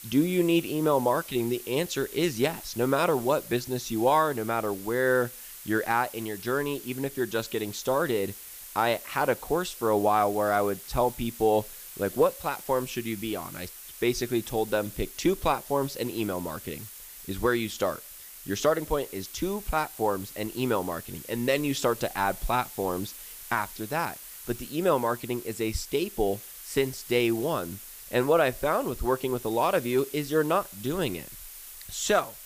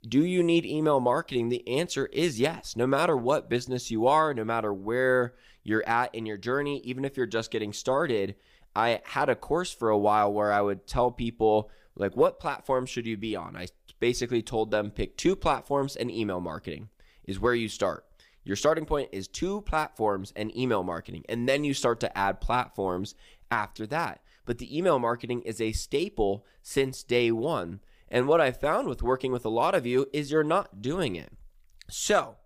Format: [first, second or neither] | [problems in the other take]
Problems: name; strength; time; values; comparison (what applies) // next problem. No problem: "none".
second | hiss; noticeable; throughout; 15 dB below the speech